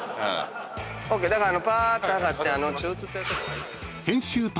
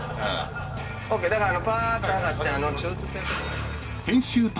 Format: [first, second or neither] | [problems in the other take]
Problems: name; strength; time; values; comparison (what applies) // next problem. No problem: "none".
first | background sound (Motorcycle); 7 dB below the speech // room echo; dies away in 0.2 s